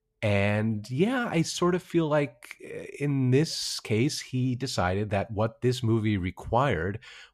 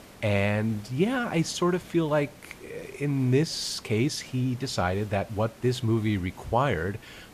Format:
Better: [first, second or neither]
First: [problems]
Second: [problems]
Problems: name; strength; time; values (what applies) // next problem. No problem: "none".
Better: first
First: none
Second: hiss; faint; throughout; 20 dB below the speech